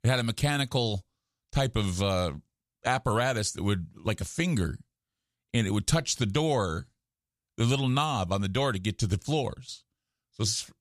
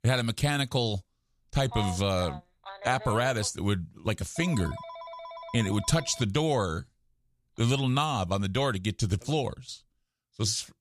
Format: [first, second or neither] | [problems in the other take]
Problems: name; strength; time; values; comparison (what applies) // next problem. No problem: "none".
first | phone ringing; noticeable; from 1.5 to 9.5 s; peak 9 dB below the speech